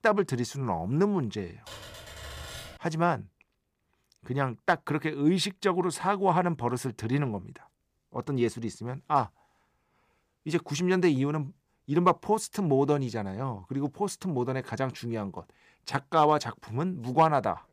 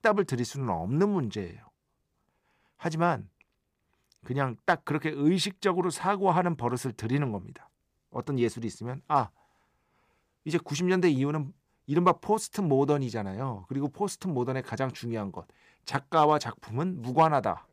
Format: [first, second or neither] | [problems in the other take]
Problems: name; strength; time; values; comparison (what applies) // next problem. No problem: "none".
second | keyboard typing; faint; from 1.5 to 3 s; peak 10 dB below the speech